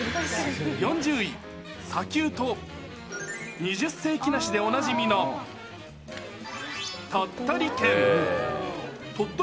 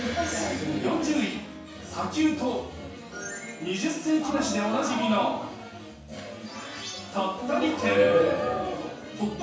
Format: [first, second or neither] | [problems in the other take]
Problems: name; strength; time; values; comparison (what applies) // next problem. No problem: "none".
first | room echo; dies away in 0.7 s